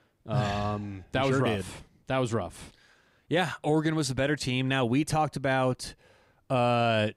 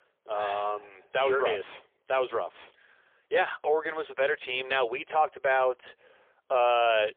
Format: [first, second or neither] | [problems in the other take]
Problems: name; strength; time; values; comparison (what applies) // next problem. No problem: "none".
first | phone-call audio; poor line; nothing above 3.5 kHz